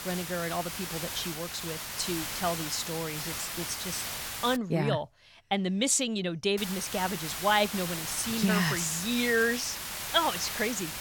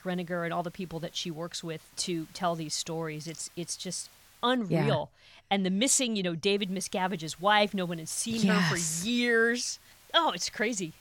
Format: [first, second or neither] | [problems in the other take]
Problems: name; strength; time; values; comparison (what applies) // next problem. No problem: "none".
second | hiss; loud; until 4.5 s and from 6.5 s on; 5 dB below the speech; faint in the second